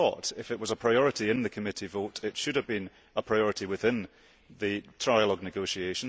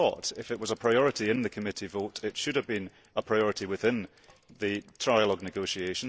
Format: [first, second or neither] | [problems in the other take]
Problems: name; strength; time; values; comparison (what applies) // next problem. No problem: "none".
first | noise reduction (neural separator model SepFormer DNS4)